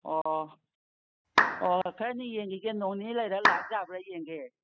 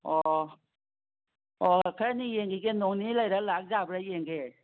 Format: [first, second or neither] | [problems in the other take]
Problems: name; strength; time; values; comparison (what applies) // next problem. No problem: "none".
second | noise reduction (classical method spectral subtraction)